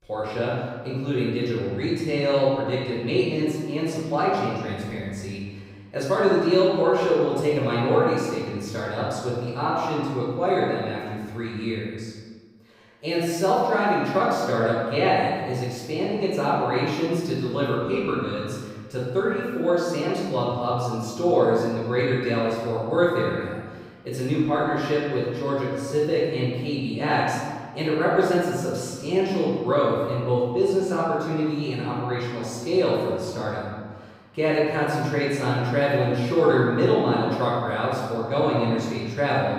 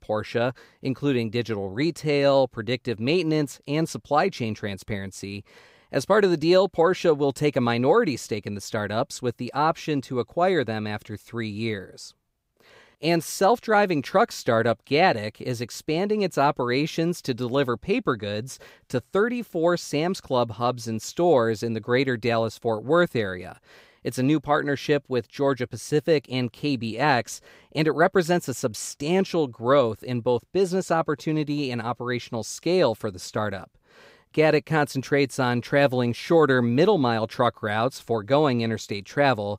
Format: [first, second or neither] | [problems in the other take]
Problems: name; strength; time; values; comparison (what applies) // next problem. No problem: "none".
second | room echo; strong; dies away in 1.4 s // off-mic speech; far